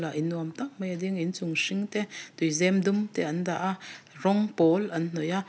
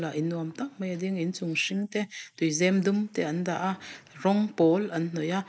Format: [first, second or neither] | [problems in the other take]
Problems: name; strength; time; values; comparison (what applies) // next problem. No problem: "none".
first | noise reduction (neural mask model Resemble Enhance denoiser)